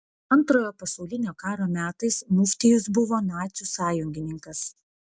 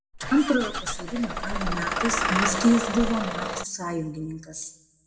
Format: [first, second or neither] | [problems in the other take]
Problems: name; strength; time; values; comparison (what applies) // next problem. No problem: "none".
first | background sound (Engine starting / Bus); 2 dB below the speech // room echo; dies away in 0.6 s